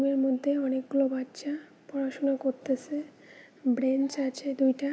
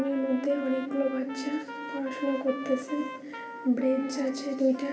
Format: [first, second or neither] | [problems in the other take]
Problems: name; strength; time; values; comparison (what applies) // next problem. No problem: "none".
first | background sound (Trumpet); 13 dB below the speech // room echo; dies away in 2.3 s